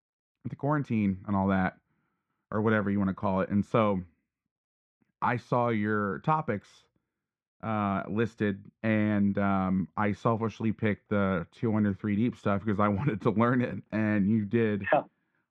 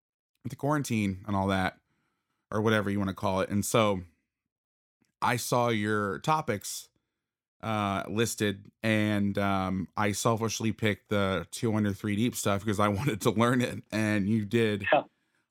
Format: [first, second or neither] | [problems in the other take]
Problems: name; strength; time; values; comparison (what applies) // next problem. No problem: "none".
second | muffled; very; fading above 1.5 kHz